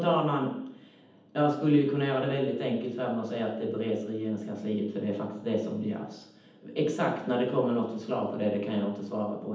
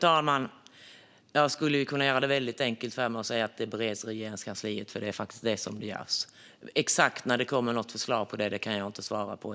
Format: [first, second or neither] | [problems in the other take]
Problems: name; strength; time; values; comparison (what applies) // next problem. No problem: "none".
second | room echo; dies away in 0.8 s